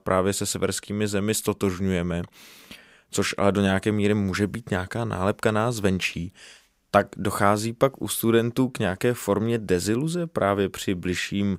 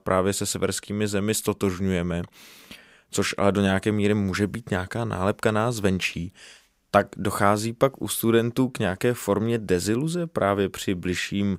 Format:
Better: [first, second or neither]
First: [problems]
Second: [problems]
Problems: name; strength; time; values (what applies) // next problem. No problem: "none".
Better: neither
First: none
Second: none